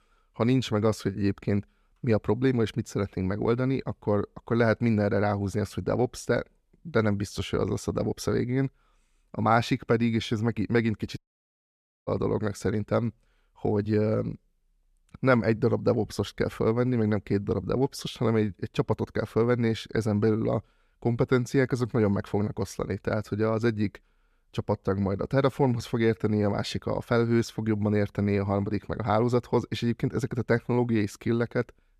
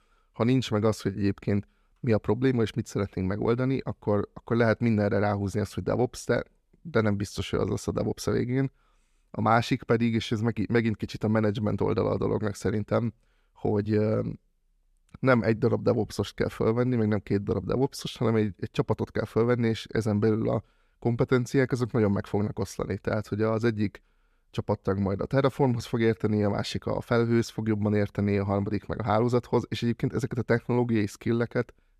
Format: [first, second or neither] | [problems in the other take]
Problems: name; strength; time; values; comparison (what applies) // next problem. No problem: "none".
second | audio cutting out; at 11 s for 1 s